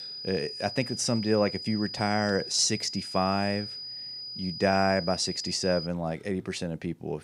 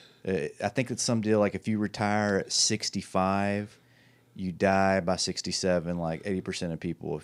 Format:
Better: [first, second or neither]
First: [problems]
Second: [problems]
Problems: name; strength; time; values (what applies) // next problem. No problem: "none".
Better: second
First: high-pitched whine; loud; until 6 s; 5 kHz, 8 dB below the speech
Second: none